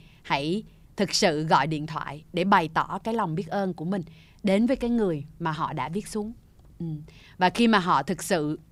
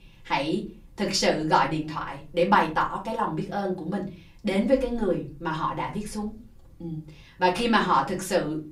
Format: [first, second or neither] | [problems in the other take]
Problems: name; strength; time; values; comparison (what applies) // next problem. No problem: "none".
first | off-mic speech; far // room echo; very slight; dies away in 0.3 s